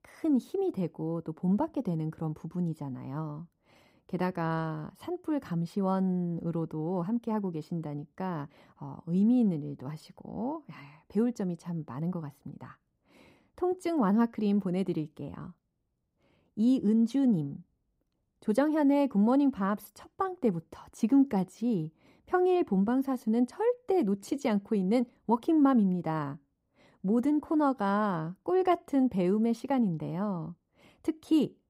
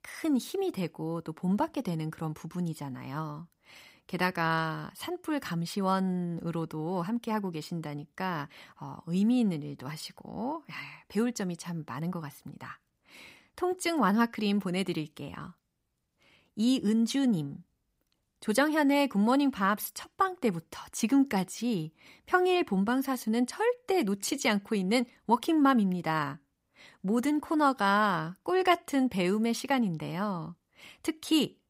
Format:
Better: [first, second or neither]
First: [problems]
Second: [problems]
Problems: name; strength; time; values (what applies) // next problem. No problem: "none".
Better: second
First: muffled; slightly; fading above 1 kHz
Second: none